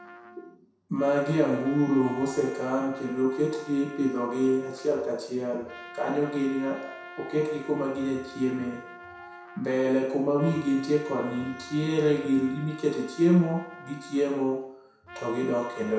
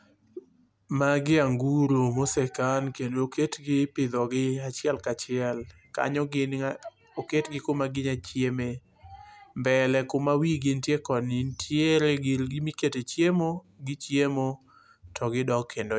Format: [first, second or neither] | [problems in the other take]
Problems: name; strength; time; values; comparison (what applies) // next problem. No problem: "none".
second | background sound (Trumpet); 17 dB below the speech // room echo; dies away in 0.7 s